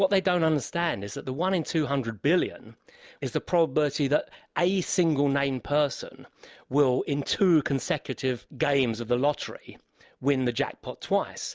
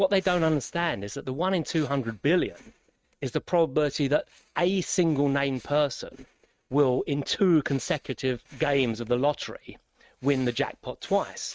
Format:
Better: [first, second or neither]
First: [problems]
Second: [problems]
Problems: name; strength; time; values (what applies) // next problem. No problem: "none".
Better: first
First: none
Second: noise reduction (neural mask model RNNoise)